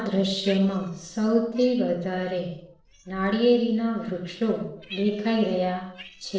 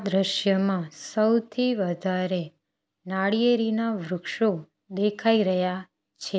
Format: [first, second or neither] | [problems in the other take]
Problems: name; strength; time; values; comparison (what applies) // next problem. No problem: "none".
second | noise reduction (neural separator model SepFormer DNS4)